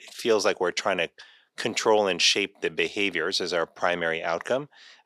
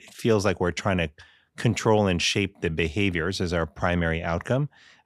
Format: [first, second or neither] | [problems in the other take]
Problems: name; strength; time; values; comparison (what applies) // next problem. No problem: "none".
second | thin; somewhat; fading below 450 Hz